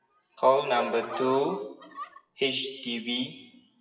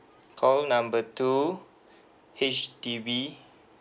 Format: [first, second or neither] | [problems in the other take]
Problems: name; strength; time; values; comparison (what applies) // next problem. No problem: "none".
second | noise reduction (classical method WPE with log-MMSE)